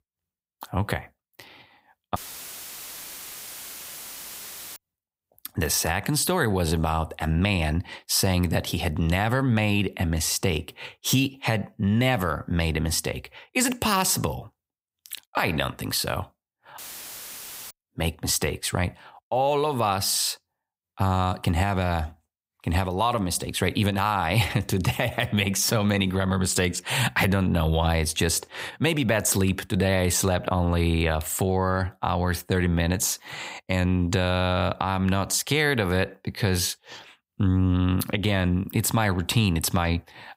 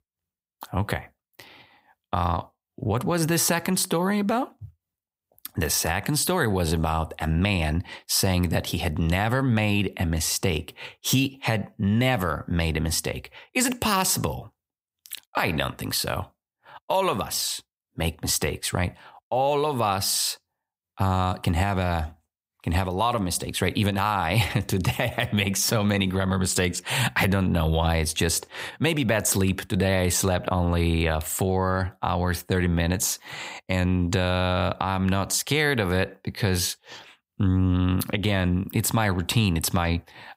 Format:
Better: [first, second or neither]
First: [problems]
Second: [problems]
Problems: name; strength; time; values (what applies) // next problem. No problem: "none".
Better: second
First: audio cutting out; filled with static; at 2 s for 2.5 s and at 17 s for 1 s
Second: none